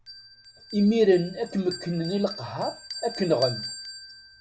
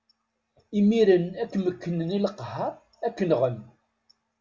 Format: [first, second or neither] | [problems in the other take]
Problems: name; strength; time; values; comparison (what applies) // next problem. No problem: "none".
second | background sound (Bell); 13 dB below the speech